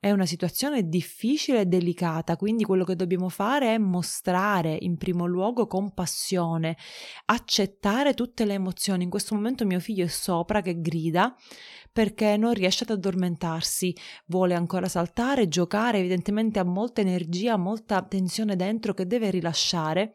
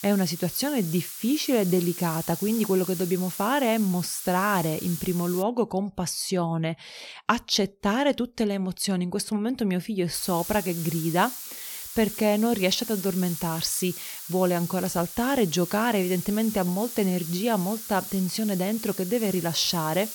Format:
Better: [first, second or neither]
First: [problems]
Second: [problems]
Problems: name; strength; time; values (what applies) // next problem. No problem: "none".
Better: first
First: none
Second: hiss; loud; until 5.5 s and from 10 s on; 9 dB below the speech